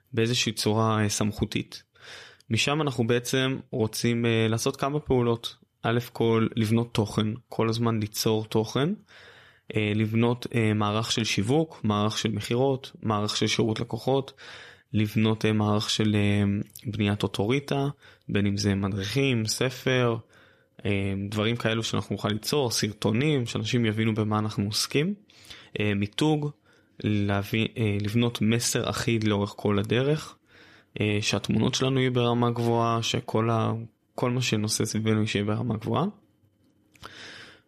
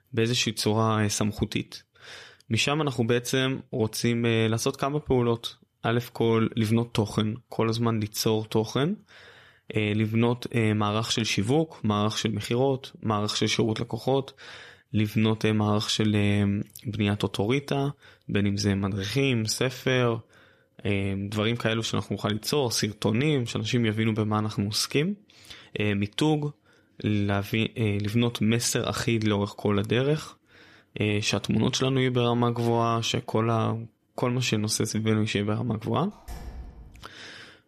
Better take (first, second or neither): first